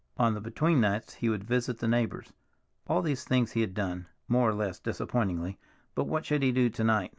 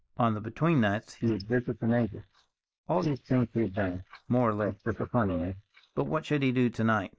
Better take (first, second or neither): first